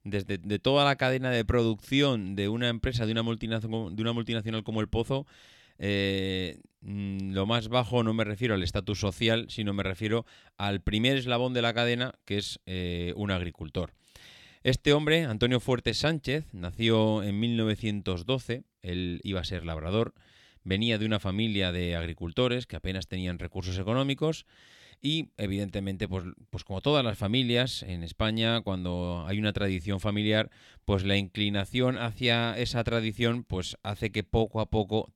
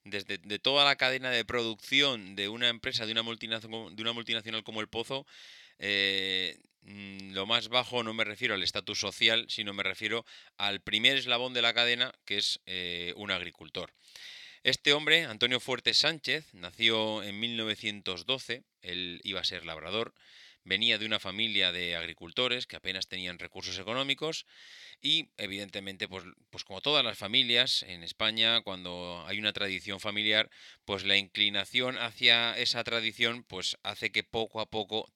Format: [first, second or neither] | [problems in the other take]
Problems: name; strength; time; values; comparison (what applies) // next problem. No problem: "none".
first | thin; somewhat; fading below 700 Hz